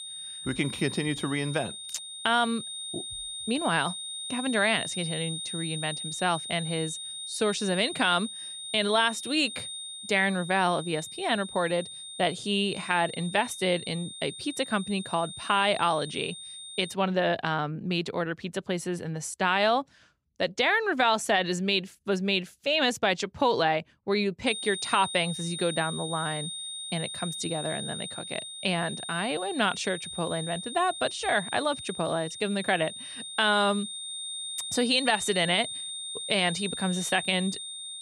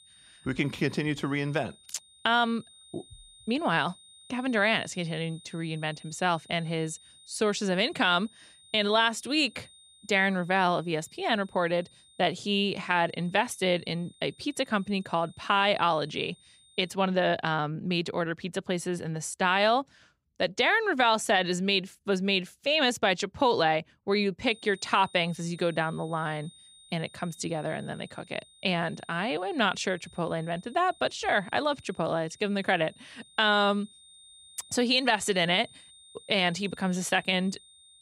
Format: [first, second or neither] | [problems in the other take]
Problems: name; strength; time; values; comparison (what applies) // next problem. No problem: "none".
second | high-pitched whine; loud; until 17 s and from 24 s on; 3.5 kHz, 8 dB below the speech; faint in the second